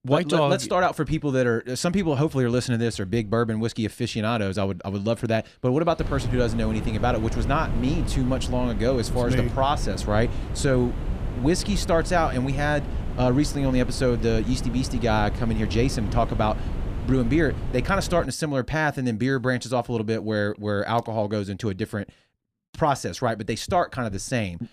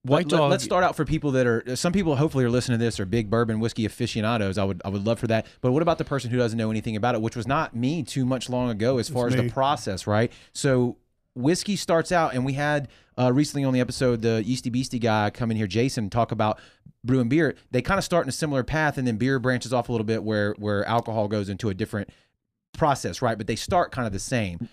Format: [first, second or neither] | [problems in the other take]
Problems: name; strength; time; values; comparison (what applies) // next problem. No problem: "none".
second | wind noise on the microphone; occasional gusts; from 6 to 18 s; 15 dB below the speech